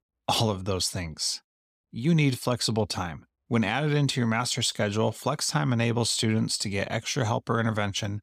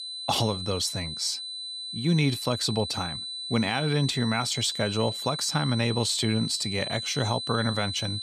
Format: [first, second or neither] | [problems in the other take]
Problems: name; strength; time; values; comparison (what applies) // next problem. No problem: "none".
first | high-pitched whine; loud; throughout; 4 kHz, 5 dB below the speech